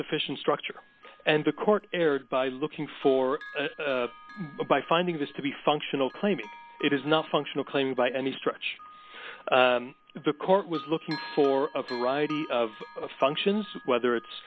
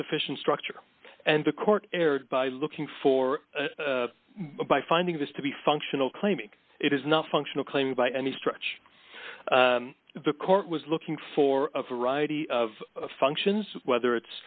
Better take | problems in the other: second | background sound (Bell); 20 dB below the speech

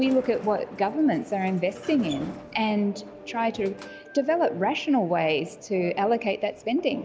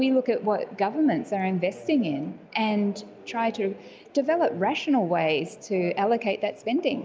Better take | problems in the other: second | background sound (Organ + Sliding door); 19 dB below the speech

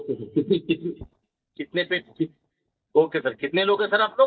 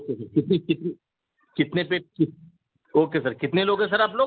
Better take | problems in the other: second | noise reduction (neural mask model DeepFilterNet 3)

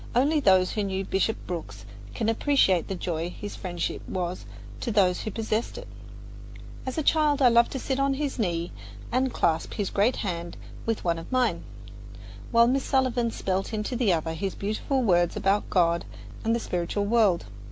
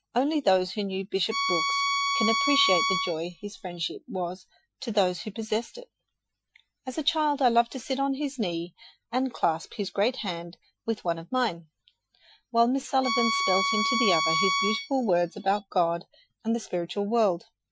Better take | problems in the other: first | noise reduction (classical method Wiener filter)

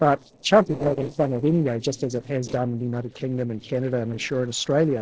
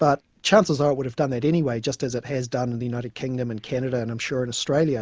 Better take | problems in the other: second | noise reduction (neural separator model SepFormer DNS4)

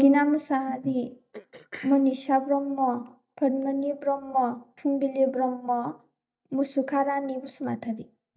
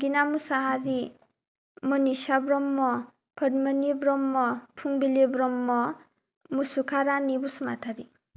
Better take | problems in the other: second | noise reduction (neural mask model DeepFilterNet 3)

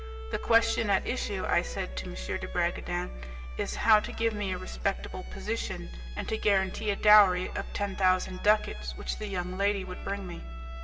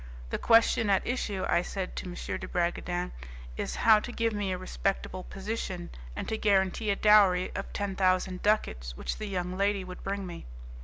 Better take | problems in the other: second | background sound (Bowed string instrument); 20 dB below the speech // room echo; dies away in 2.2 s

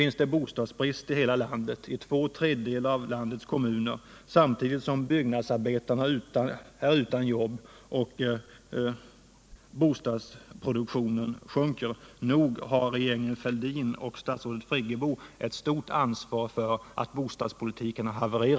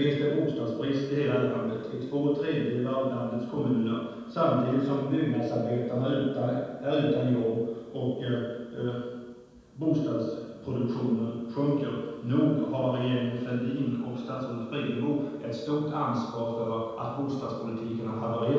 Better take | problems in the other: first | room echo; dies away in 1.2 s

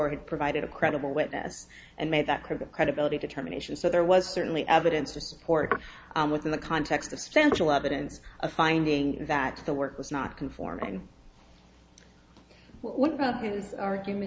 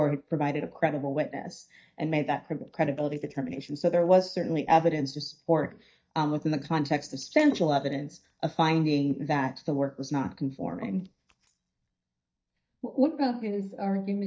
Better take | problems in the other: first | noise reduction (neural mask model DeepFilterNet 3)

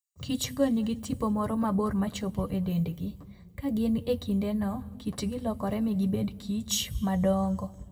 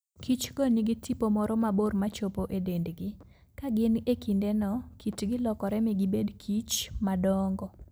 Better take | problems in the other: second | room echo; dies away in 1.3 s

